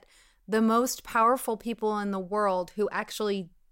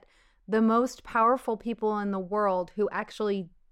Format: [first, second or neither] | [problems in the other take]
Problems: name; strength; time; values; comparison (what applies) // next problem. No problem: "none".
first | muffled; slightly; fading above 2 kHz